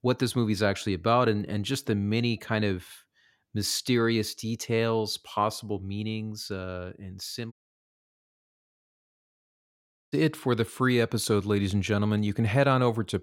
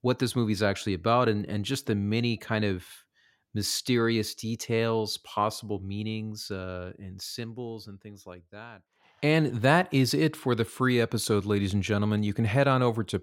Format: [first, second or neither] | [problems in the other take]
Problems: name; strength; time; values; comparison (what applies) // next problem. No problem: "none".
second | audio cutting out; at 7.5 s for 2.5 s